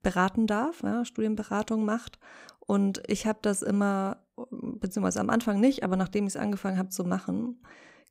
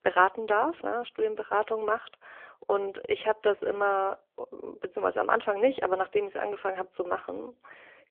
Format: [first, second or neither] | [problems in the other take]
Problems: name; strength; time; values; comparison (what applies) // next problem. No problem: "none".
first | phone-call audio; poor line; nothing above 3.5 kHz